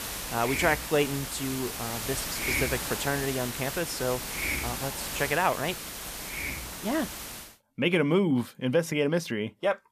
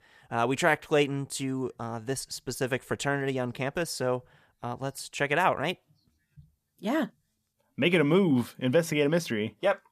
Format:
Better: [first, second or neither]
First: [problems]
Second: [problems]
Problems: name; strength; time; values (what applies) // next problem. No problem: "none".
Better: second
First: hiss; loud; until 7.5 s; 3 dB below the speech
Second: none